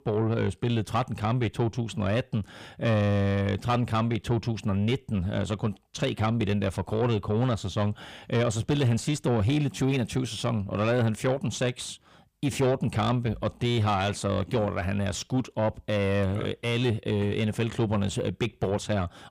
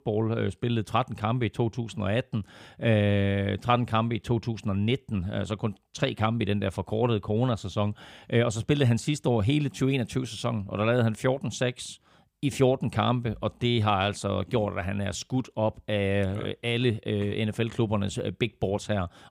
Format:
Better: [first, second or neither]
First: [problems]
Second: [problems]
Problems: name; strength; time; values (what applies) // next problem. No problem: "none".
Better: second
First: distortion; slight; 10 dB below the speech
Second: none